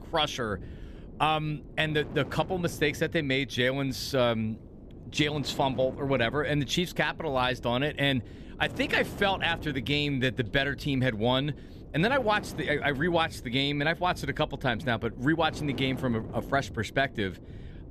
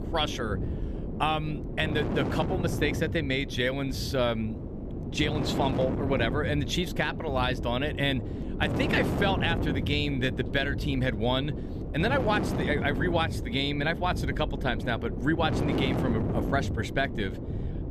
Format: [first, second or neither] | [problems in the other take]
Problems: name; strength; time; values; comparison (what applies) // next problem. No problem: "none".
first | wind noise on the microphone; heavy; 8 dB below the speech; occasional gusts in the first